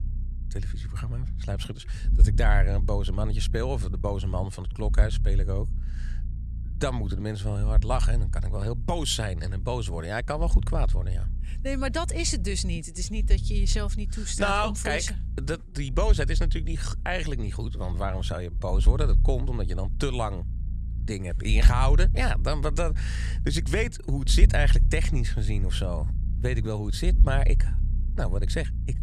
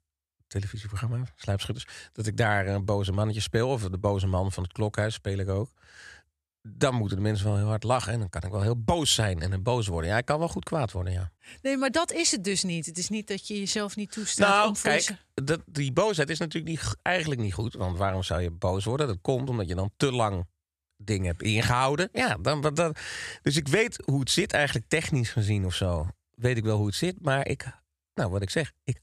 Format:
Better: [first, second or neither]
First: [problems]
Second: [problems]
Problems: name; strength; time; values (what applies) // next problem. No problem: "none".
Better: second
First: low rumble; noticeable; throughout; 15 dB below the speech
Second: none